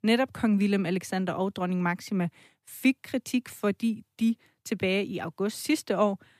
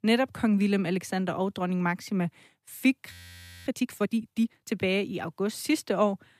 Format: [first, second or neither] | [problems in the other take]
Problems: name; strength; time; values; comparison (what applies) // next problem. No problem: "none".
first | audio freezing; at 3 s for 0.5 s